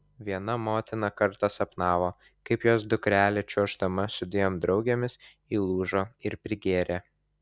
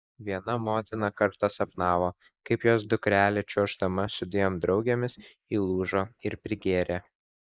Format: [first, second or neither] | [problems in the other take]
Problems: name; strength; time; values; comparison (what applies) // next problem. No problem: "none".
first | noise reduction (neural mask model Resemble Enhance denoiser)